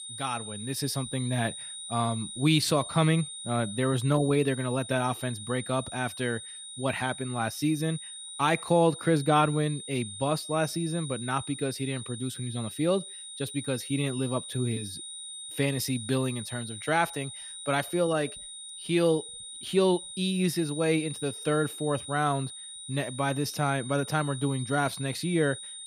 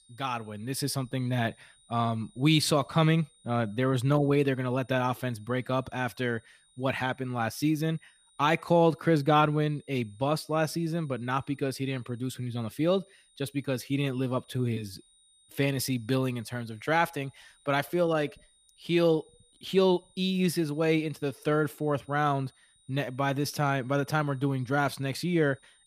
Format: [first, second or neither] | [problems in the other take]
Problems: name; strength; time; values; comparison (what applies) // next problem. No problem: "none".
second | high-pitched whine; loud; throughout; 4 kHz, 10 dB below the speech; faint in the second